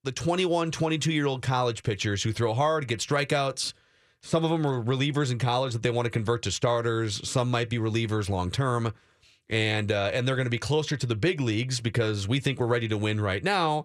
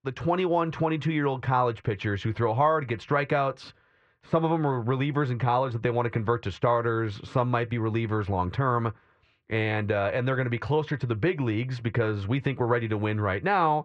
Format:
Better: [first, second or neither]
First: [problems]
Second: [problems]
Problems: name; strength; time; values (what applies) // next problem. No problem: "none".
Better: first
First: none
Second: muffled; very; fading above 2 kHz